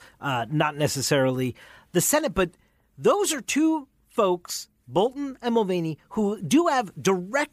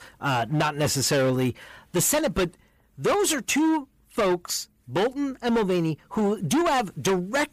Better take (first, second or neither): first